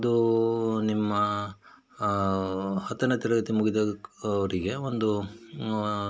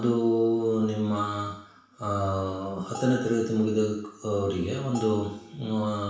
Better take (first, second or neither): first